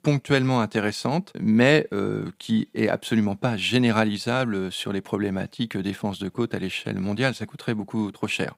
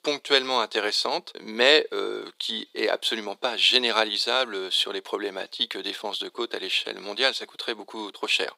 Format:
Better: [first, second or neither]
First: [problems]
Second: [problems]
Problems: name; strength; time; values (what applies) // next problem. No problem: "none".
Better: first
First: none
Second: thin; very; fading below 400 Hz